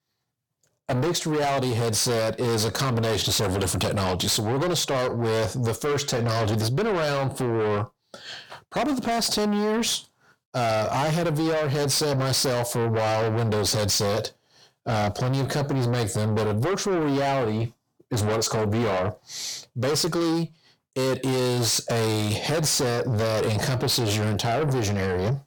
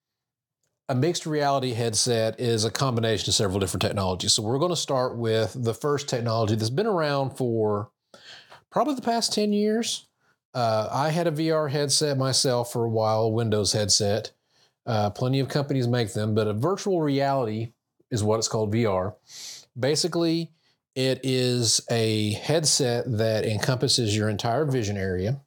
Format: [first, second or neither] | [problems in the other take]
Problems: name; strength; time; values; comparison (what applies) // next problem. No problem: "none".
second | distortion; heavy; 6 dB below the speech